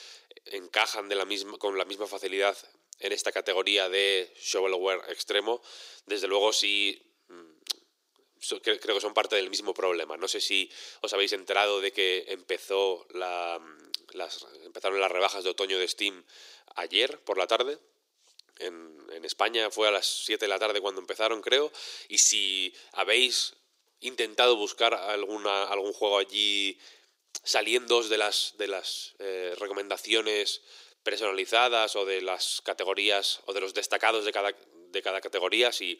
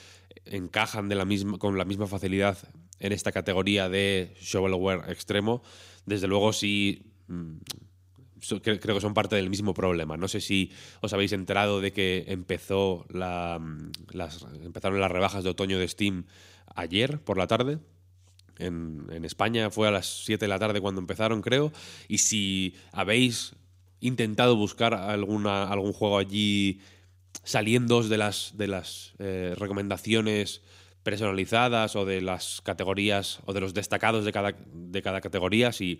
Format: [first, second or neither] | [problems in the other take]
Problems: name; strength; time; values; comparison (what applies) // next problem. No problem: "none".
second | thin; very; fading below 350 Hz